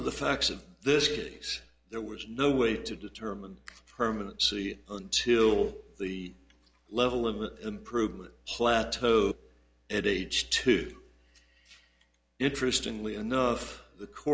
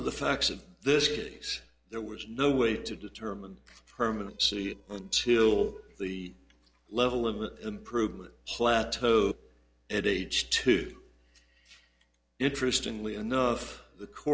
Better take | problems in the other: first | noise reduction (neural separator model SepFormer DNS4)

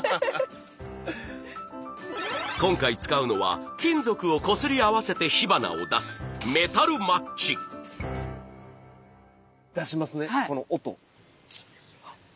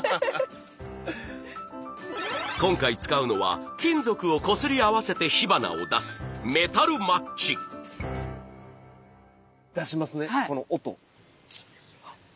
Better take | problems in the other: second | background sound (Liquid); 16 dB below the speech

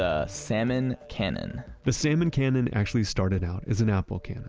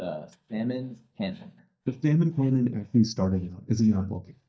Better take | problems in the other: first | noise reduction (neural mask model DeepFilterNet 3)

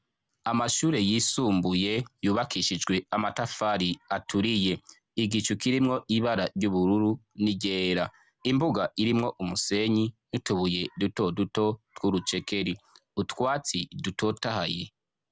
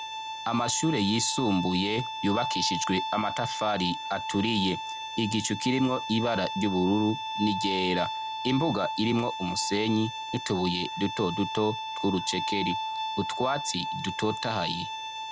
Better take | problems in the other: first | background sound (Bowed string instrument); 5 dB below the speech

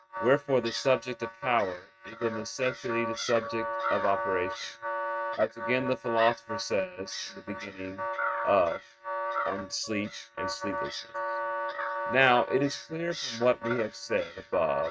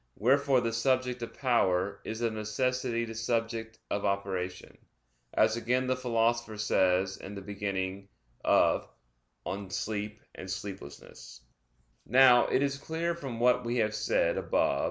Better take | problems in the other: second | noise reduction (neural mask model RNNoise)

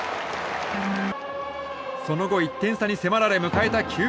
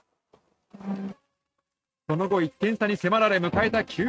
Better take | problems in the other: first | noise reduction (neural mask model RNNoise)

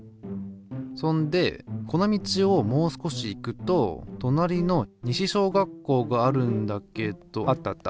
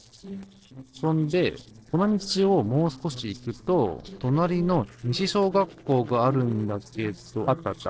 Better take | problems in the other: first | noise reduction (neural separator model SepFormer DNS4)

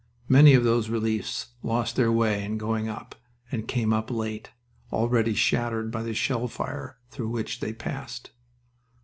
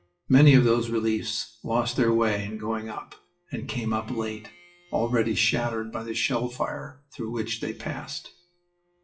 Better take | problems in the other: first | noise reduction (classical method WPE with log-MMSE)

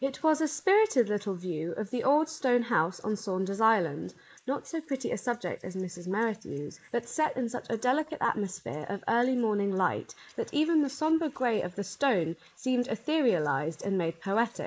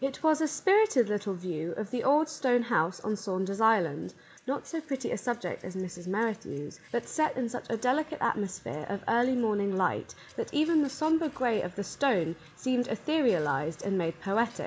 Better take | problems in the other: second | noise reduction (neural mask model Resemble Enhance denoiser)

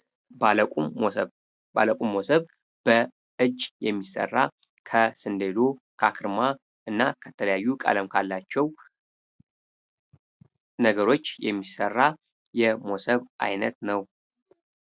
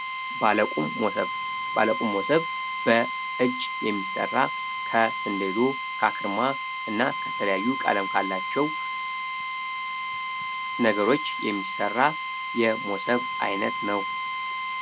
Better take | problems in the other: first | background sound (Drill); 3 dB below the speech

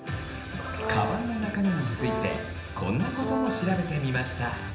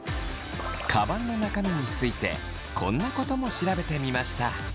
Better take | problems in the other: second | background sound (Brass instrument); 7 dB below the speech // room echo; dies away in 0.8 s

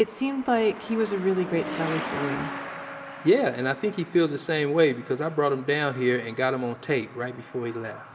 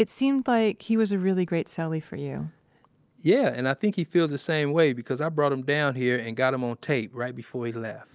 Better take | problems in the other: second | background sound (Truck); 12 dB below the speech // room echo; dies away in 2.6 s

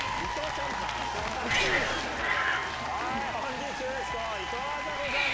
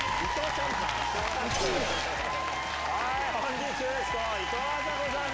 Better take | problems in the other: second | background sound (Hiss); 3 dB below the speech

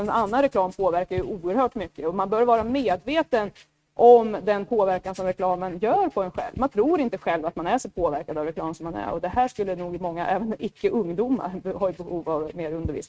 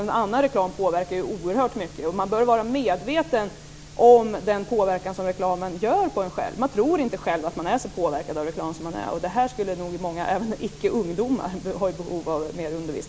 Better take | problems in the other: second | noise reduction (neural mask model RNNoise)

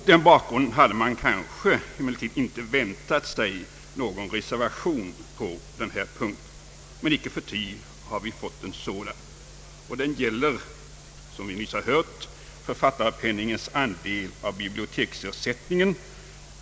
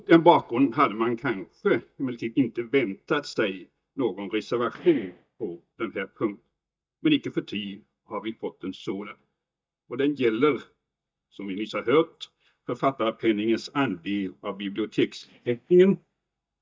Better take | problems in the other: first | noise reduction (neural mask model DeepFilterNet 3)

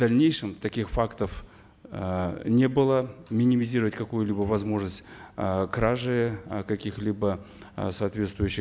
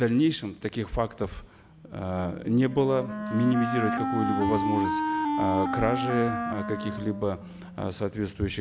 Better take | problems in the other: first | background sound (Wind instrument, woodwind instrument); 3 dB below the speech

